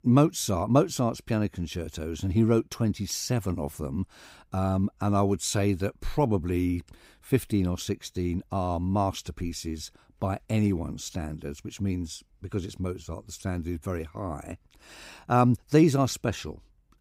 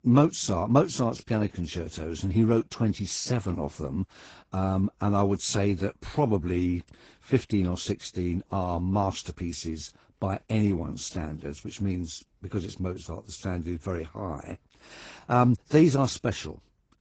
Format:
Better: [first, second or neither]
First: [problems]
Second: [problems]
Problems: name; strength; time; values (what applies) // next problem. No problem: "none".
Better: first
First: none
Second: garbled, watery; badly; nothing above 8 kHz